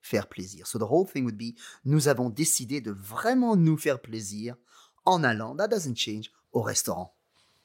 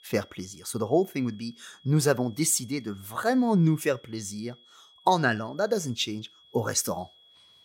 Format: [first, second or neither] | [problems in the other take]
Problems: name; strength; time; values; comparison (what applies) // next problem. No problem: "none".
first | high-pitched whine; faint; throughout; 3.5 kHz, 30 dB below the speech